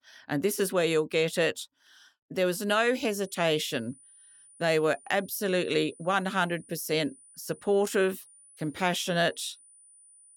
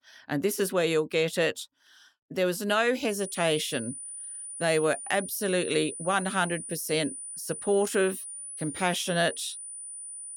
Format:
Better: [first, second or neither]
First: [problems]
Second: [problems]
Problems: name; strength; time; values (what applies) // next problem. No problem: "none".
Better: first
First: high-pitched whine; faint; from 3 s on; 9.5 kHz, 25 dB below the speech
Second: high-pitched whine; loud; from 3 s on; 9.5 kHz, 9 dB below the speech